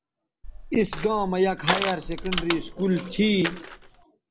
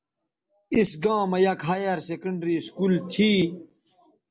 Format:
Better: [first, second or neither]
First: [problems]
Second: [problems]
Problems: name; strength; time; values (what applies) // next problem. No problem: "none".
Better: second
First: background sound (Crushing); 6 dB below the speech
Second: none